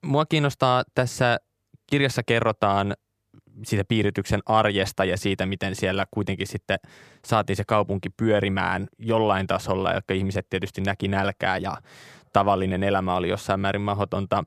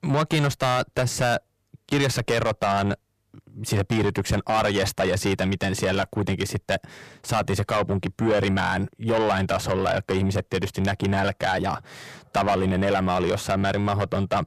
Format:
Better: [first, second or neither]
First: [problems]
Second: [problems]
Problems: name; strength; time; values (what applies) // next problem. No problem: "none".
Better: first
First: none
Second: distortion; heavy; 6 dB below the speech